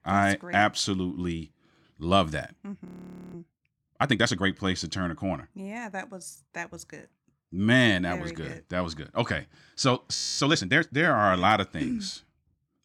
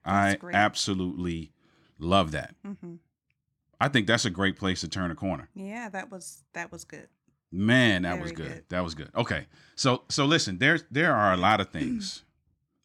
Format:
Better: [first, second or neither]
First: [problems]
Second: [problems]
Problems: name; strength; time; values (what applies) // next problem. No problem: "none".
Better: second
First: audio freezing; at 3 s and at 10 s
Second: none